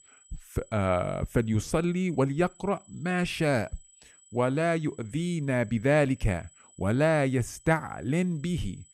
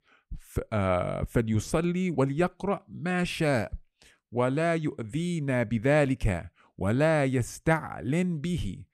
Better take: second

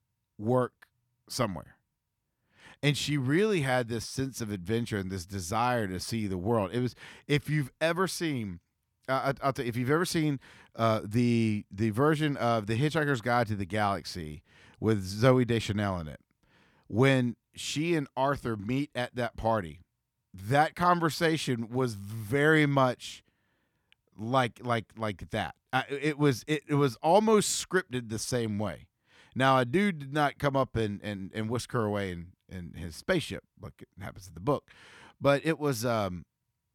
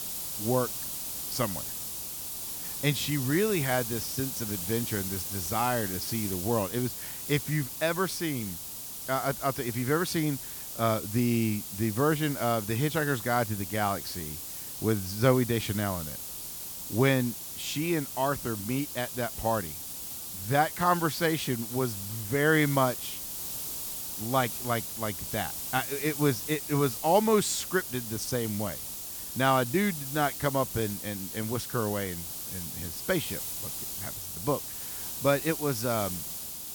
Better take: first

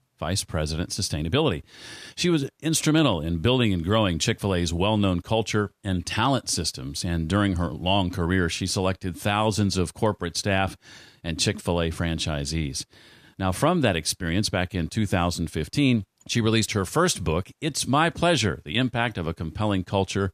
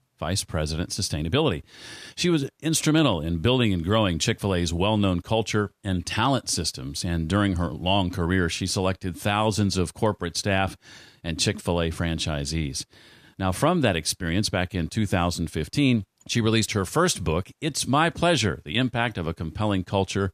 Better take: neither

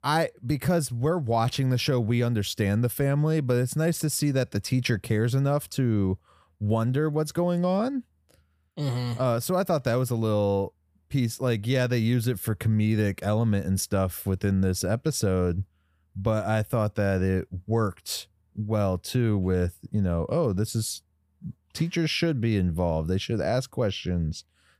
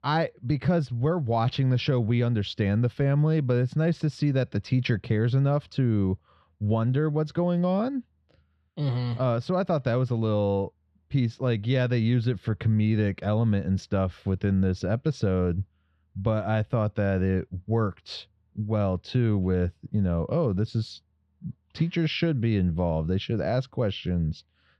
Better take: first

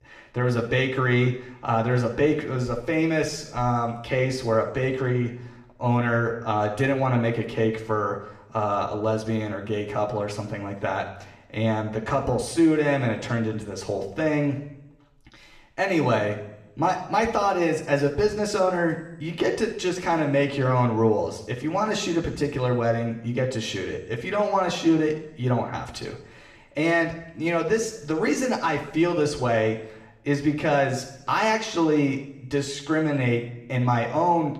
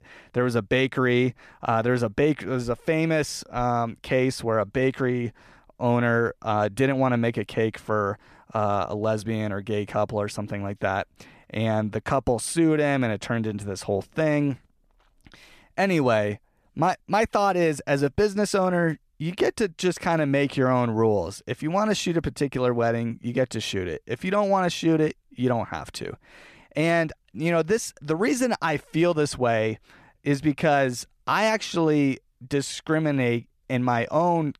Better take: second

